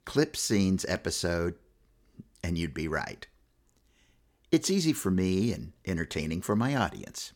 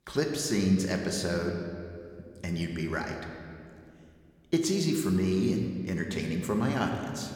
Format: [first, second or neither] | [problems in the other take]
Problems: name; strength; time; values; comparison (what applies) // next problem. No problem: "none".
first | room echo; slight; dies away in 1.9 s